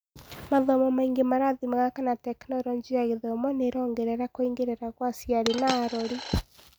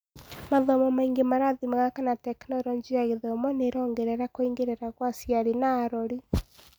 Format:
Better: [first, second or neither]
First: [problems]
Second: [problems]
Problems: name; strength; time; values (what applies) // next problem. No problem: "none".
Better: second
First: background sound (Coin (dropping)); 8 dB below the speech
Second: none